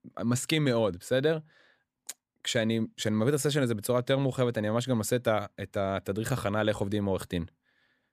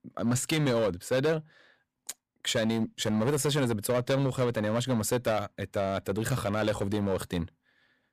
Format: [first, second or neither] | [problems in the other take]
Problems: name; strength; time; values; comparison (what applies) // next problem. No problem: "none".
first | distortion; slight; 9% of the sound clipped